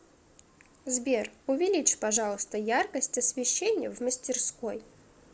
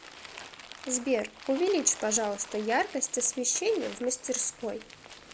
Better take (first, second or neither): first